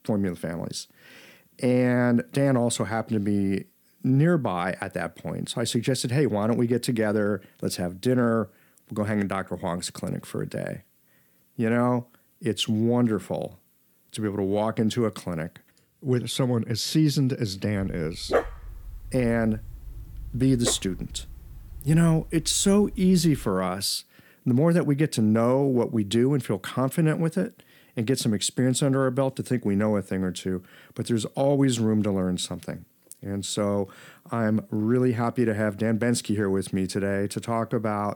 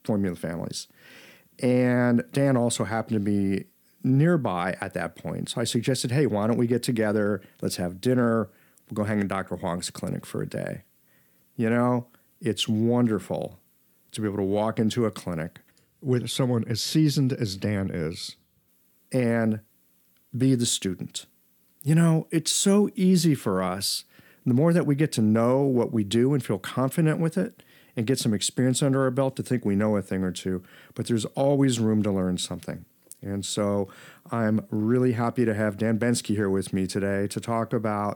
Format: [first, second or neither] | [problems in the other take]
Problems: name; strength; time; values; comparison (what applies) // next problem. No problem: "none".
second | dog barking; noticeable; from 18 to 23 s; peak 1 dB below the speech